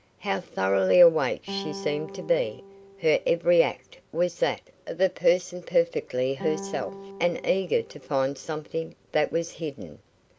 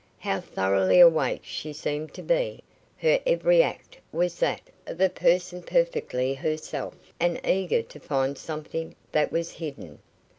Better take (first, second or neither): second